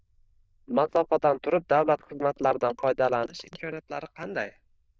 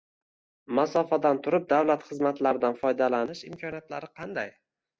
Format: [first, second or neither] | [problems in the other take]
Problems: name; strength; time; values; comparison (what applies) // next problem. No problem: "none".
second | noise reduction (neural diffusion model UNIVERSE++)